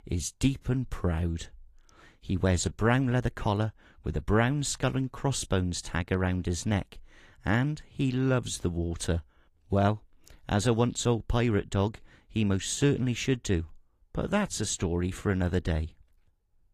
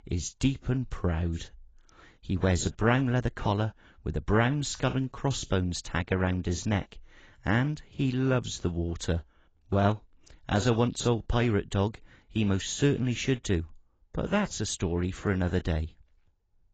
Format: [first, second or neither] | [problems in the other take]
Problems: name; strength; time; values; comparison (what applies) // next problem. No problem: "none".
first | garbled, watery; badly; nothing above 7.5 kHz; slightly in the first